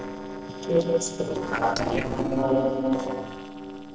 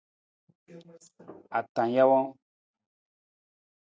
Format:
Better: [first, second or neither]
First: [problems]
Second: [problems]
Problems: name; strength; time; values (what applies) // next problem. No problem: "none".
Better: second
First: noise reduction (neural separator model SepFormer DNS4)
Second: none